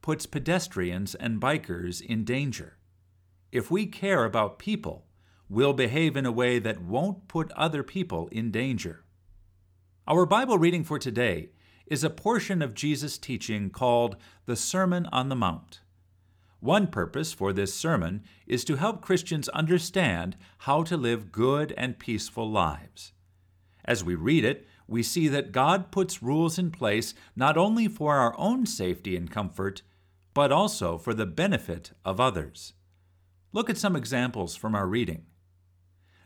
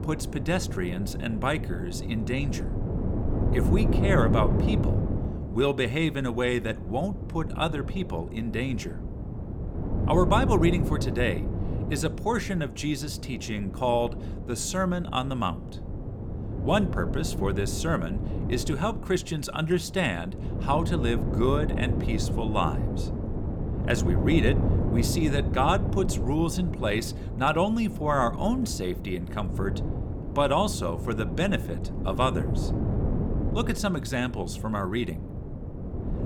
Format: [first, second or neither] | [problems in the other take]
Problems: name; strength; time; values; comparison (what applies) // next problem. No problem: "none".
first | wind noise on the microphone; heavy; 9 dB below the speech